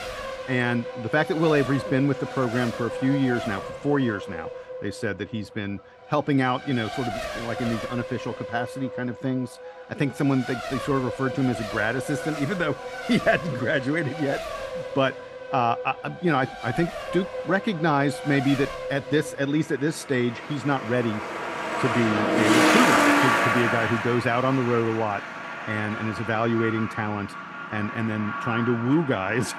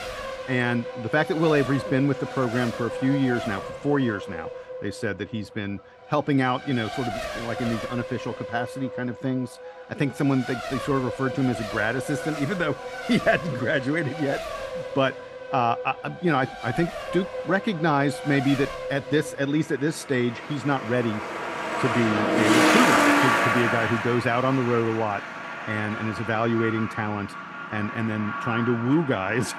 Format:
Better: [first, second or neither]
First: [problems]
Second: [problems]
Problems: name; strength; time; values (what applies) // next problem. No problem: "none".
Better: neither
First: traffic noise; loud; throughout; 3 dB below the speech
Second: traffic noise; loud; throughout; 3 dB below the speech